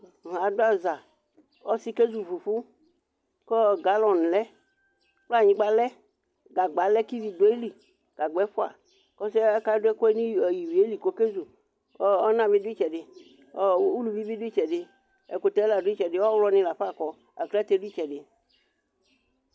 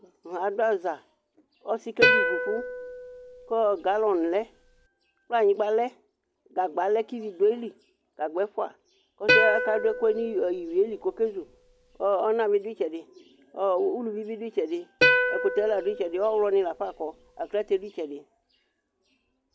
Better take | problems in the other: first | background sound (Plucked string instrument); as loud as the speech

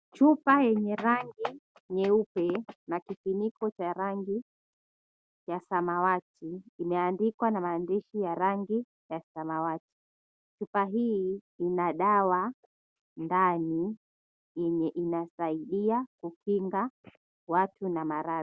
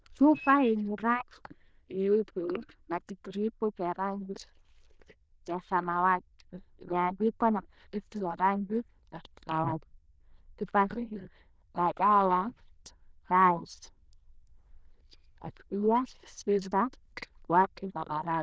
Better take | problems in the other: first | noise reduction (neural diffusion model UNIVERSE++)

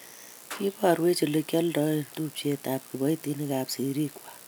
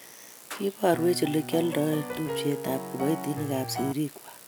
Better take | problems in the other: first | background sound (Piano); 6 dB below the speech

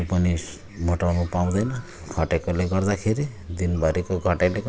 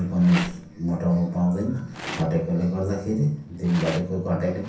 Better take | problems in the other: first | background sound (Rattle); 16 dB below the speech // room echo; dies away in 0.6 s

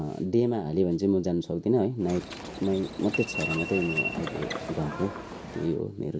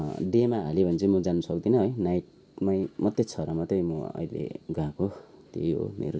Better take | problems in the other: second | background sound (Subway, metro, underground); 7 dB below the speech

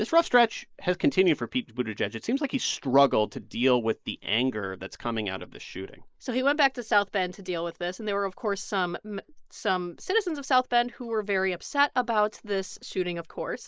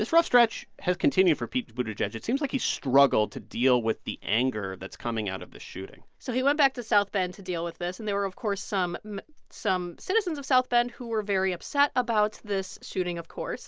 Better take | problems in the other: second | noise reduction (neural mask model Resemble Enhance denoiser)

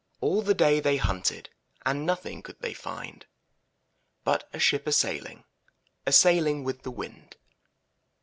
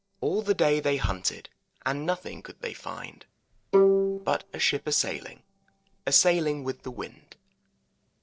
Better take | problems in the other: first | noise reduction (neural separator model SepFormer DNS4)

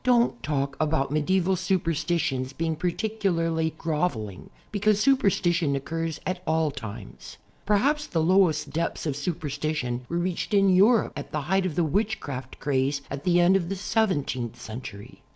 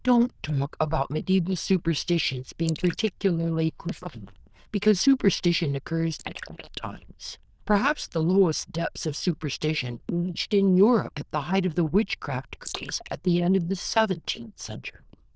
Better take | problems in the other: first | noise reduction (neural diffusion model UNIVERSE++)

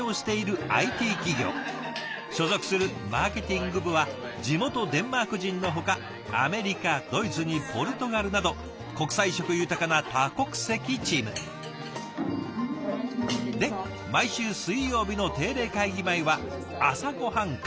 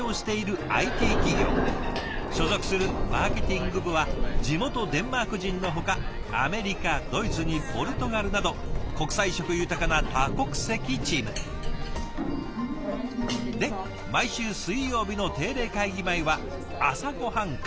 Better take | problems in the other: first | background sound (Thunder); 2 dB below the speech

